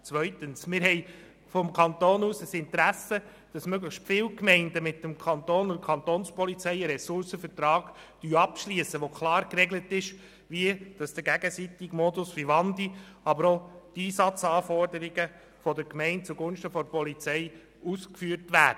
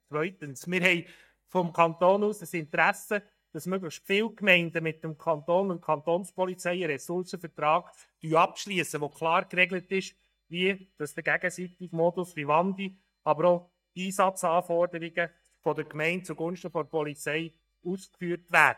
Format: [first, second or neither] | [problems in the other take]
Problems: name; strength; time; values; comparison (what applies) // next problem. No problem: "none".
first | noise reduction (neural mask model DeepFilterNet 3)